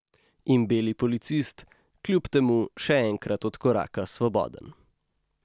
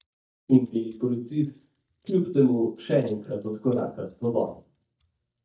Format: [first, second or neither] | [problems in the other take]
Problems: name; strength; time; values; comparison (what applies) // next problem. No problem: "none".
first | noise reduction (neural mask model DeepFilterNet 3)